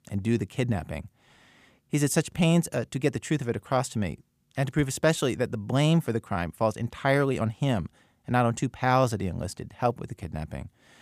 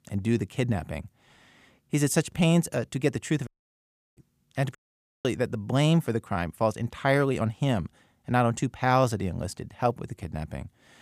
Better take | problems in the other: first | audio cutting out; at 3.5 s for 0.5 s and at 5 s for 0.5 s

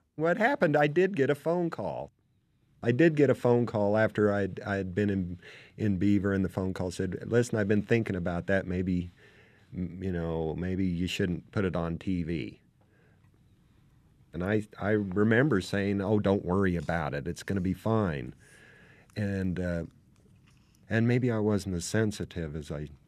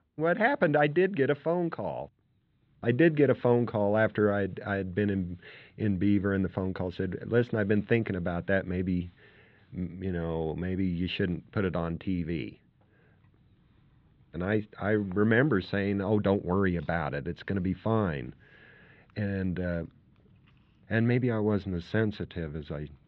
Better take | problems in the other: first | muffled; slightly; fading above 3.5 kHz

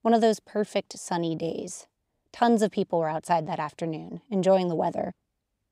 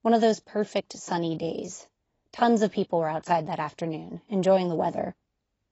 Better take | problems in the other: first | garbled, watery; badly; nothing above 7.5 kHz

